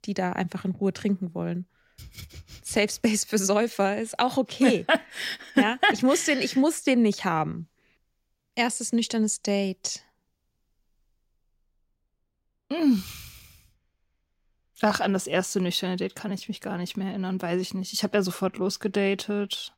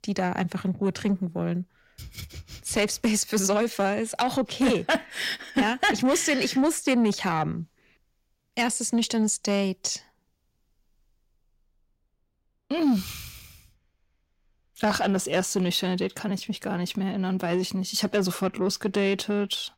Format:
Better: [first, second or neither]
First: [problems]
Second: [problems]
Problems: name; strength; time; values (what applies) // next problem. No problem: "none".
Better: first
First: none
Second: distortion; slight; 10 dB below the speech